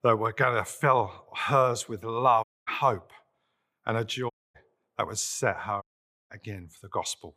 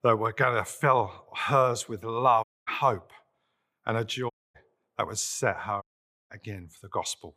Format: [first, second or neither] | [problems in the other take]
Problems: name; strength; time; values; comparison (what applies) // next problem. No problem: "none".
neither | audio cutting out; at 2.5 s, at 4.5 s and at 6 s; the same in both